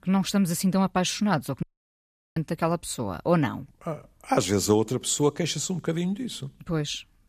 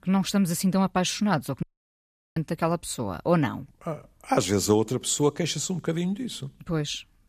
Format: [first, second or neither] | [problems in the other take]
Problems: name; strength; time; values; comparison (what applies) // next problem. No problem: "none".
neither | audio cutting out; at 1.5 s for 0.5 s; the same in both